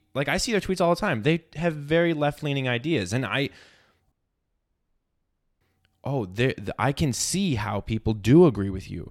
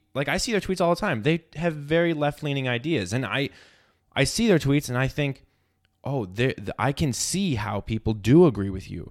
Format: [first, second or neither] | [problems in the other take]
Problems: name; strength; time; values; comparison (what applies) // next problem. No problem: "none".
second | audio cutting out; at 4 s for 1.5 s